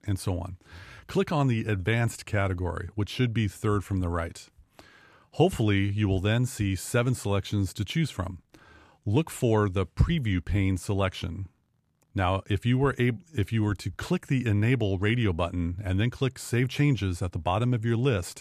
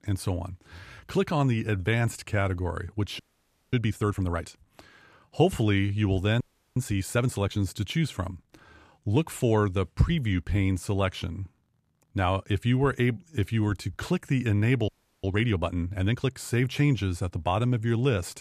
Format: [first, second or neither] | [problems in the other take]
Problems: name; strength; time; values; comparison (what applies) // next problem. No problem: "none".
first | audio freezing; at 3 s for 0.5 s, at 6.5 s and at 15 s